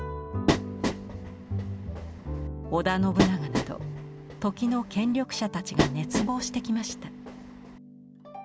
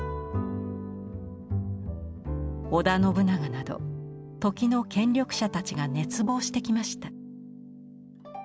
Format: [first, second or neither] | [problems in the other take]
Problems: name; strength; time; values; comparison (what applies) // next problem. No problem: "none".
second | background sound (Train); 2 dB below the speech